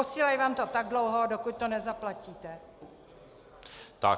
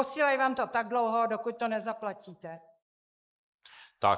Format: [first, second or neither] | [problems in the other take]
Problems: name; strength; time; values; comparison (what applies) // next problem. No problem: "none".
first | noise reduction (neural mask model Resemble Enhance denoiser)